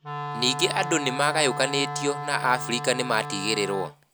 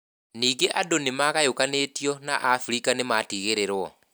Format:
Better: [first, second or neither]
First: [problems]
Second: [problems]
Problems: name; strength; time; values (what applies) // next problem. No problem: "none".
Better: second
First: background sound (Wind instrument, woodwind instrument); 7 dB below the speech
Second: none